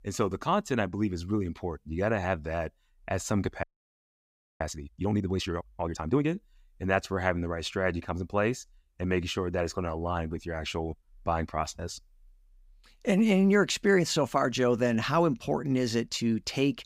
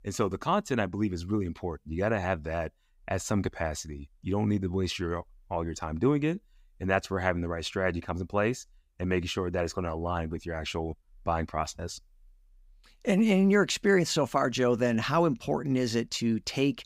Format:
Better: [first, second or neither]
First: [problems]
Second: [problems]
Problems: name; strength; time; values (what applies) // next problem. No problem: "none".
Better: second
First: audio freezing; at 3.5 s for 1 s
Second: none